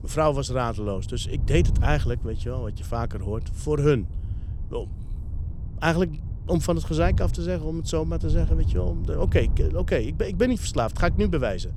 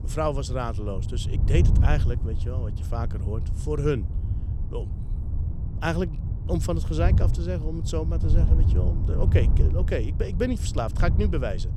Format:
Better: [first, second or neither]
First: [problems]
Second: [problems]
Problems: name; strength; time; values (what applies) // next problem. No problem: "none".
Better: first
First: wind noise on the microphone; occasional gusts; 15 dB below the speech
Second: wind noise on the microphone; heavy; 9 dB below the speech